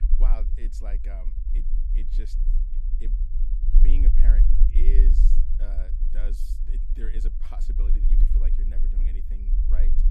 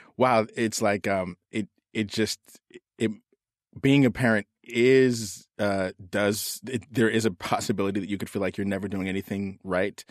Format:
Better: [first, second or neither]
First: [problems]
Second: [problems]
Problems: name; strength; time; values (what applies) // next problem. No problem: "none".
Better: second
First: low rumble; loud; throughout; 2 dB below the speech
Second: none